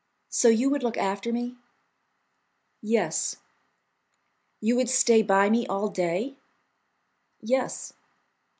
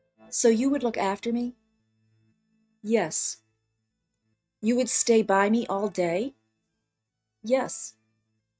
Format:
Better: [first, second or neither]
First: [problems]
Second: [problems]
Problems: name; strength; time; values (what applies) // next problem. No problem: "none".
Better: first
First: none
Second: noise reduction (neural mask model RNNoise)